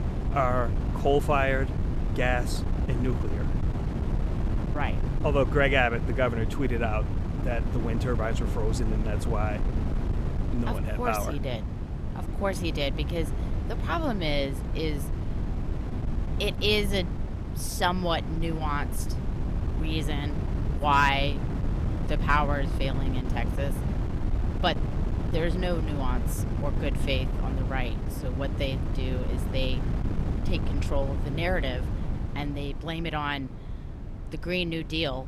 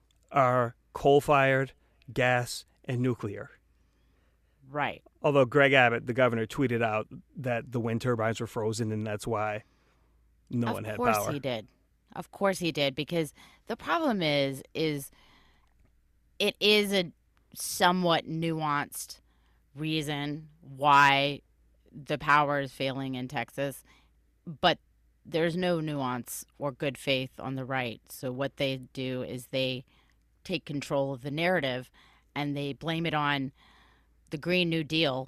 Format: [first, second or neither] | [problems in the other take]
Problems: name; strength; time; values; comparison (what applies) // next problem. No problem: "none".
second | wind noise on the microphone; occasional gusts; 10 dB below the speech